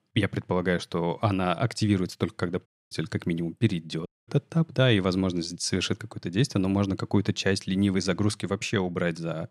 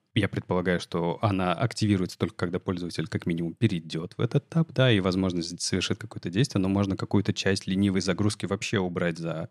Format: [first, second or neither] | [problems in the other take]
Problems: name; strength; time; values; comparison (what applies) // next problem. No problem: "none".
second | audio cutting out; at 2.5 s and at 4 s